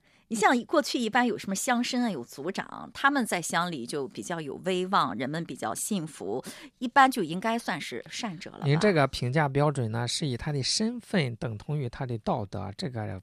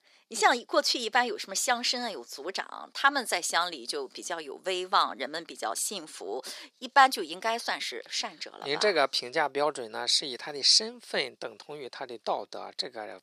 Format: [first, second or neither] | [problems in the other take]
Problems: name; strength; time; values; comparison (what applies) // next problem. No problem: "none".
first | thin; very; fading below 400 Hz